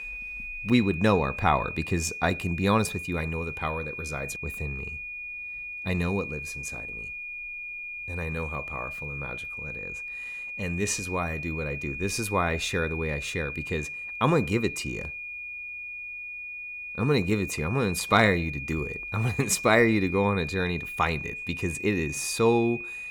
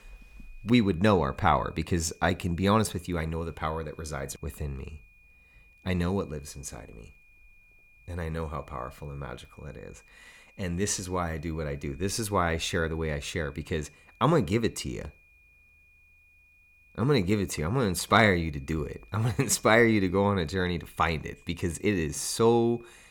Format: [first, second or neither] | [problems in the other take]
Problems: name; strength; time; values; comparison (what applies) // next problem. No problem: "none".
second | high-pitched whine; loud; throughout; 2.5 kHz, 7 dB below the speech; faint in the second